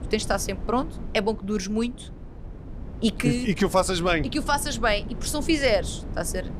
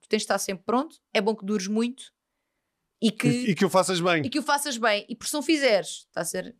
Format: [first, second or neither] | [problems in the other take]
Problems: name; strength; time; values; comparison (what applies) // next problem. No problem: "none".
second | wind noise on the microphone; occasional gusts; 20 dB below the speech